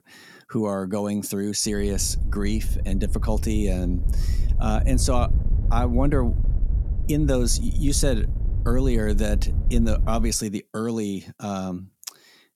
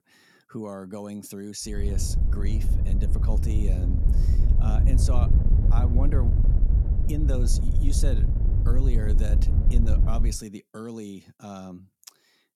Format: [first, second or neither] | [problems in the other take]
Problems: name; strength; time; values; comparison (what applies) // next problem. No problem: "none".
first | wind noise on the microphone; heavy; from 2 to 10 s; 2 dB below the speech; occasional gusts in the first